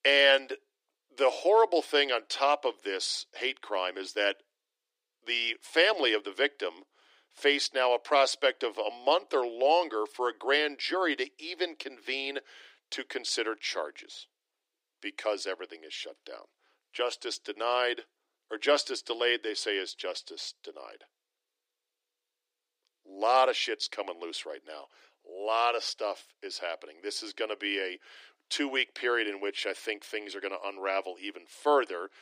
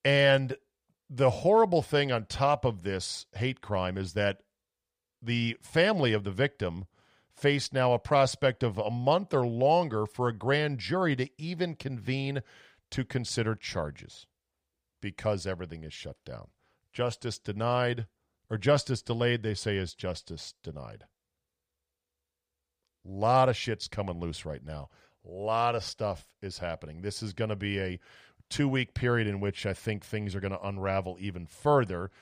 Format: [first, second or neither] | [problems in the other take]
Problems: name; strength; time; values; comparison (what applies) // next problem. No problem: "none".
second | thin; very; fading below 300 Hz